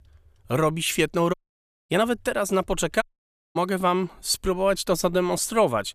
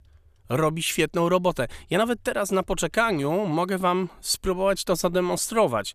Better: second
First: audio cutting out; at 1.5 s for 0.5 s and at 3 s for 0.5 s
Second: none

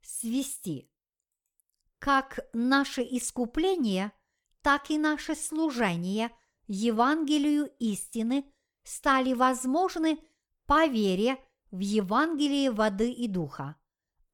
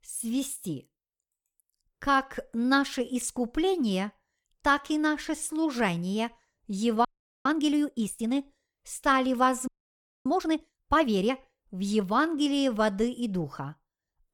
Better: first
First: none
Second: audio freezing; at 7 s and at 9.5 s for 0.5 s

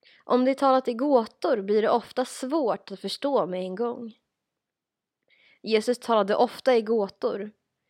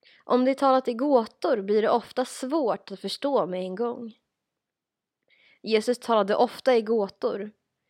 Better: neither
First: none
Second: none

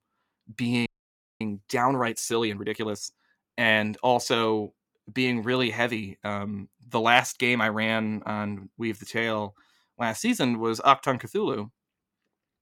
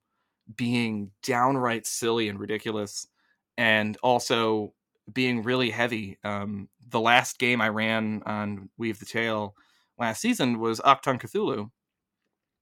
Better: second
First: audio freezing; at 1 s for 0.5 s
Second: none

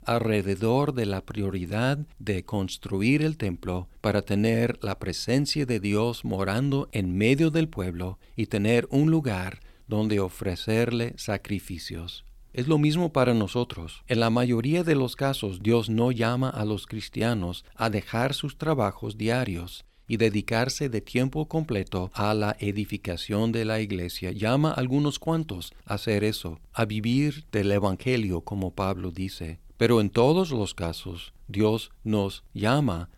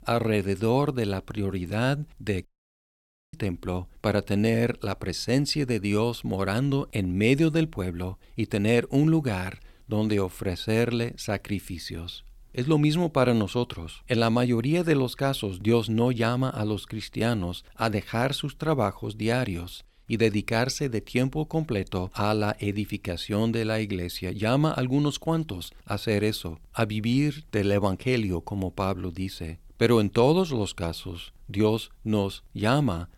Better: first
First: none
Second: audio cutting out; at 2.5 s for 1 s

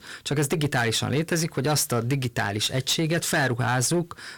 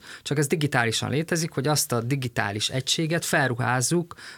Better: second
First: distortion; slight; 11% of the sound clipped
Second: none

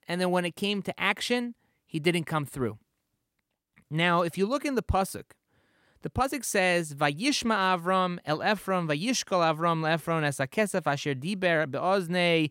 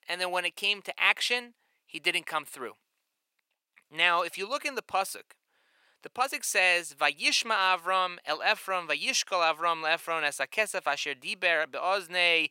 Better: first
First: none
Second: thin; very; fading below 650 Hz

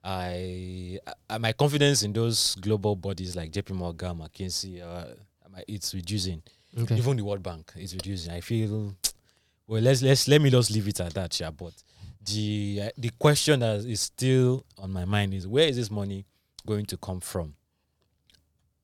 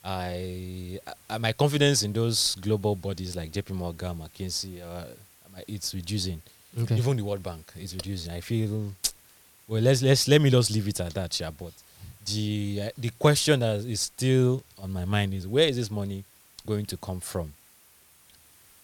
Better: first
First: none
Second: hiss; faint; throughout; 25 dB below the speech

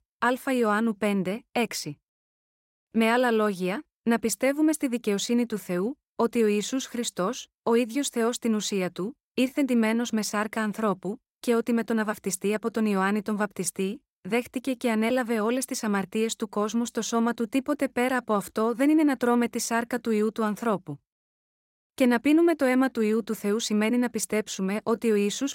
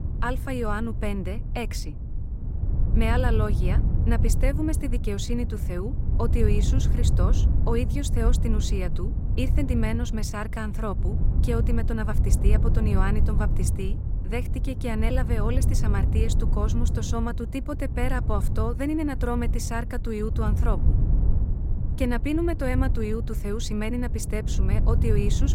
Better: first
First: none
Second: wind noise on the microphone; heavy; 9 dB below the speech

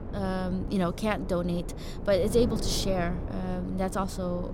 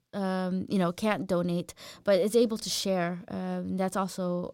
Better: second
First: wind noise on the microphone; occasional gusts; 10 dB below the speech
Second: none

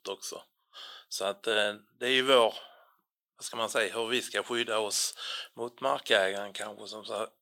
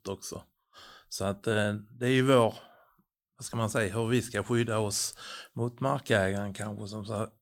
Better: second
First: thin; somewhat; fading below 500 Hz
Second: none

